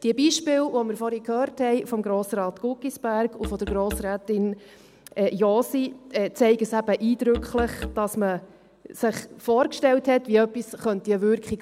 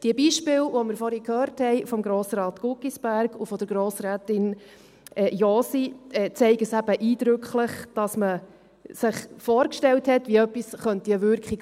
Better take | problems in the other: second | background sound (Musical instrument); 13 dB below the speech

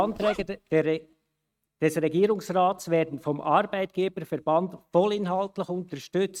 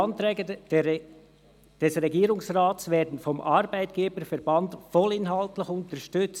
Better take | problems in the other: second | noise reduction (neural mask model RNNoise)

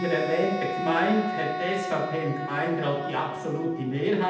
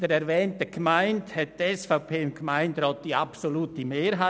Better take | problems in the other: second | background sound (Wind instrument, woodwind instrument); 6 dB below the speech // room echo; dies away in 0.8 s

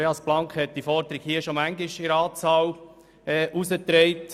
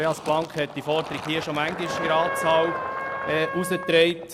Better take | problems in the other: first | background sound (Trumpet + Fill (with liquid)); 7 dB below the speech

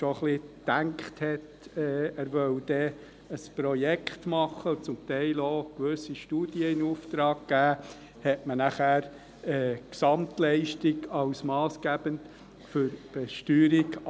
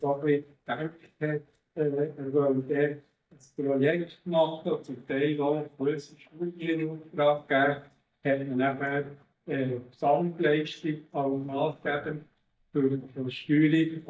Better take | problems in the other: first | noise reduction (neural mask model DeepFilterNet 3)

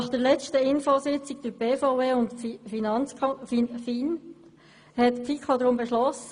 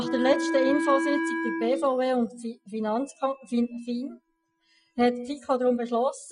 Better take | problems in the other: first | noise reduction (classical method Wiener filter)

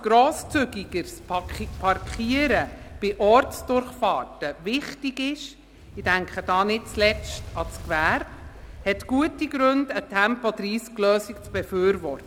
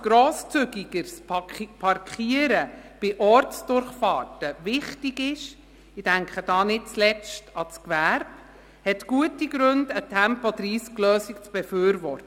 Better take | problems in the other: second | background sound (Fire); 16 dB below the speech

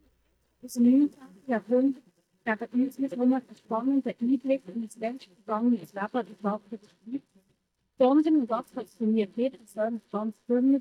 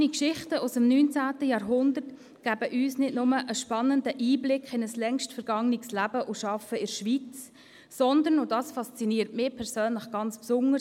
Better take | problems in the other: second | noise reduction (neural mask model DeepFilterNet 3)

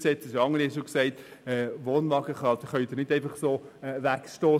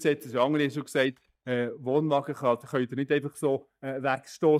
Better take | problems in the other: first | noise reduction (neural mask model DeepFilterNet 3)

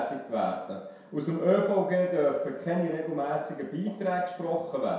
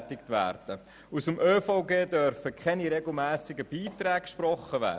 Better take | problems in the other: second | room echo; dies away in 0.7 s

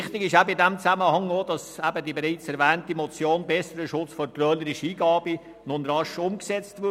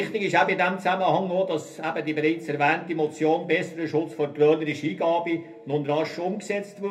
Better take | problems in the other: first | room echo; dies away in 0.3 s

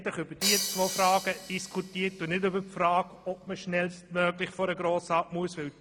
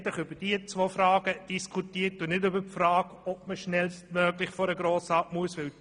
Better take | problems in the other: second | background sound (Crash cymbal); 6 dB below the speech

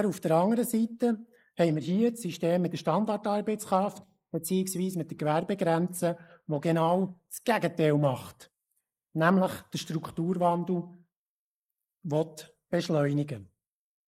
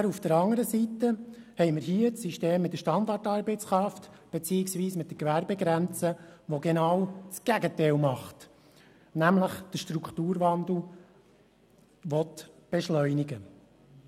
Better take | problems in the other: second | noise reduction (neural mask model Resemble Enhance denoiser)

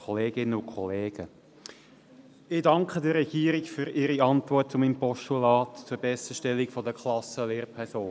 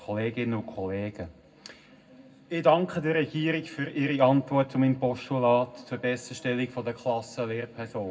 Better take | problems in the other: first | room echo; dies away in 0.3 s

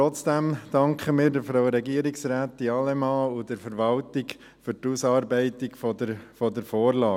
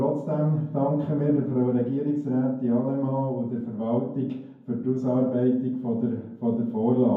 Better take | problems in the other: first | room echo; dies away in 0.9 s

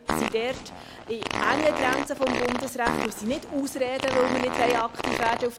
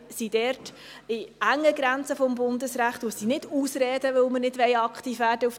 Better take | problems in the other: second | background sound (Fart); 3 dB below the speech

